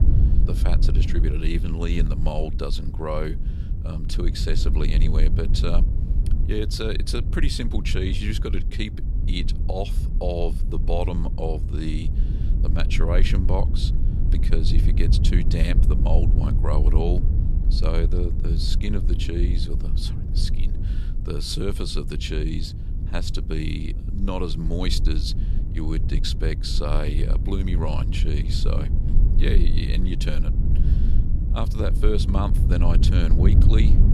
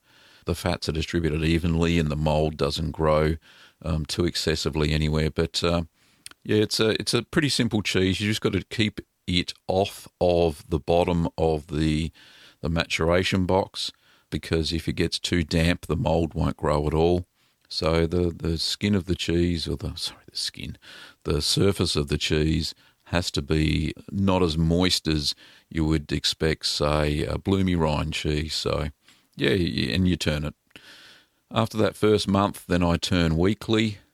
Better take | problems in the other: second | low rumble; loud; throughout; 8 dB below the speech

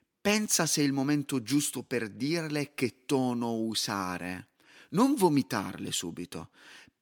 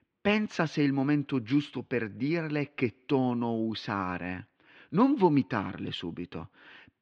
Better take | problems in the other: first | muffled; very; fading above 3 kHz

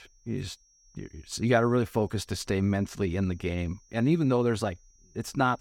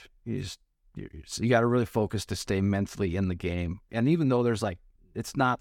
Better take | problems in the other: second | high-pitched whine; faint; throughout; 5.5 kHz, 35 dB below the speech

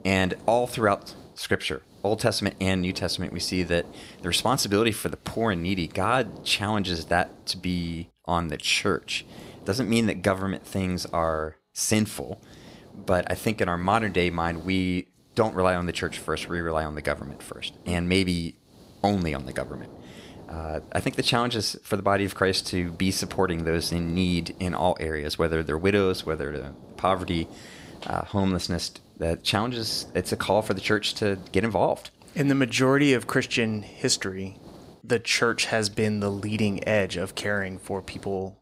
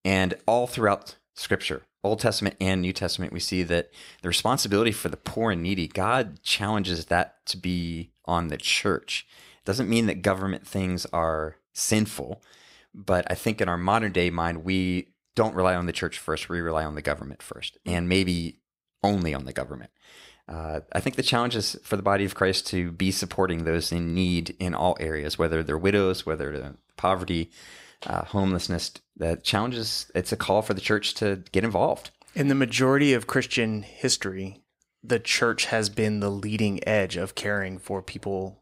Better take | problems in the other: second | hiss; faint; throughout; 20 dB below the speech

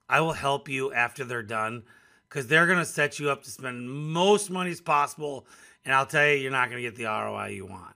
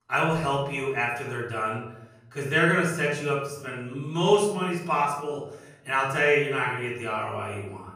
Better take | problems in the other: first | off-mic speech; far // room echo; noticeable; dies away in 0.8 s

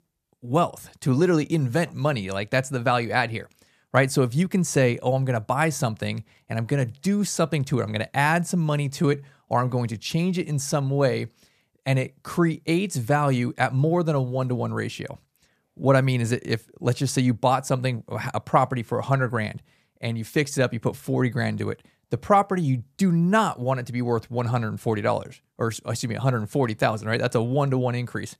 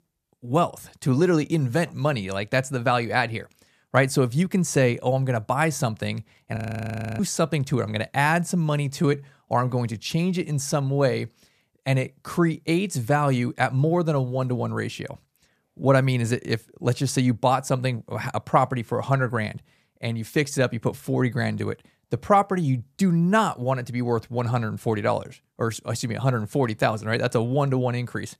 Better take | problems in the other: first | audio freezing; at 6.5 s for 0.5 s

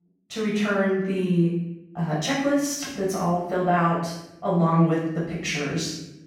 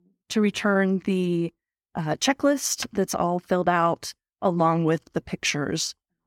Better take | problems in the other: second | off-mic speech; far // room echo; noticeable; dies away in 0.8 s

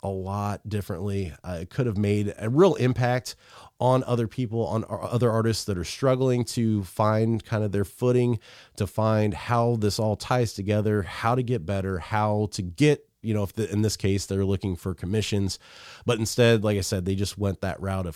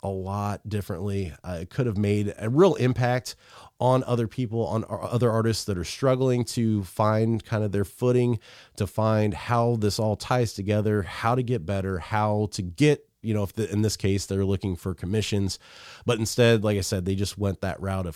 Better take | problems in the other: neither | none

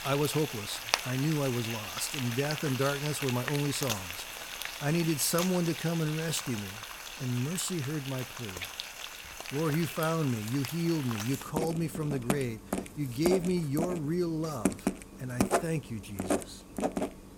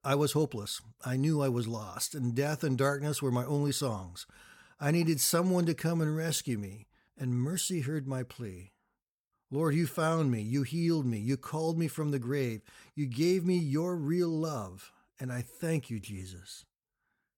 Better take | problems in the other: second | household noises; loud; throughout; 4 dB below the speech

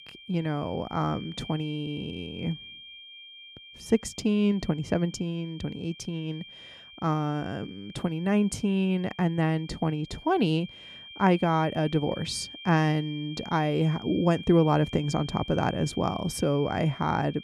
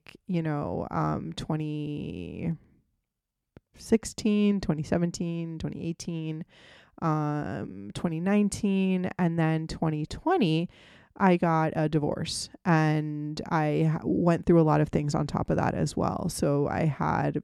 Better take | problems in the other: second | high-pitched whine; noticeable; throughout; 3 kHz, 15 dB below the speech

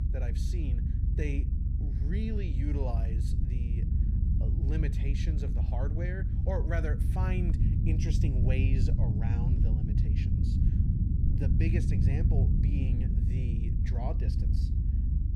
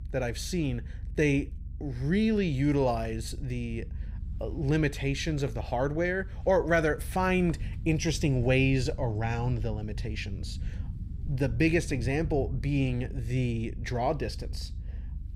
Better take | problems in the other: second | low rumble; loud; throughout; 1 dB below the speech; faint in the second

